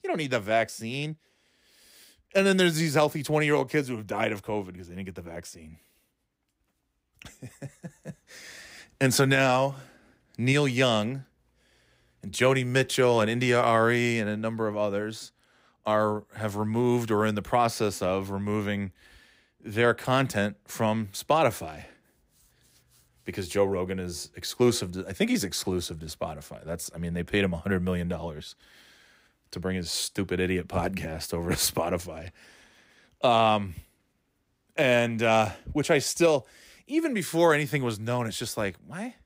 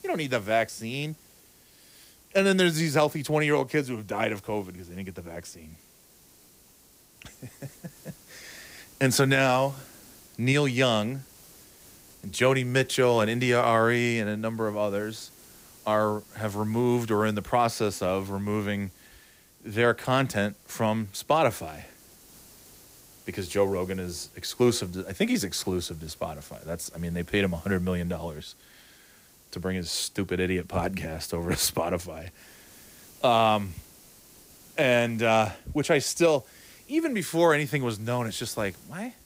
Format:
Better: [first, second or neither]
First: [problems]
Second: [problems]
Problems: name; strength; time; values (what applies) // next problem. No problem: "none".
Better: first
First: none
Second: hiss; faint; throughout; 25 dB below the speech